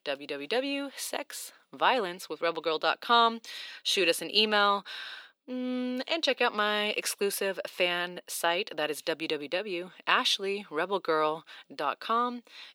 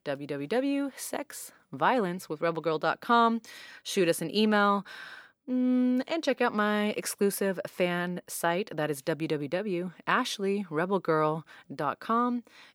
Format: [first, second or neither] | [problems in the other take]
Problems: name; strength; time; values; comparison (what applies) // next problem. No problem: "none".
second | thin; somewhat; fading below 350 Hz